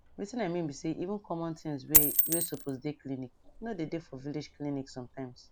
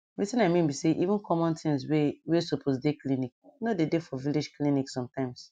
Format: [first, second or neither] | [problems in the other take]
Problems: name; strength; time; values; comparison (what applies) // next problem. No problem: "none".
second | background sound (Coin (dropping)); 3 dB above the speech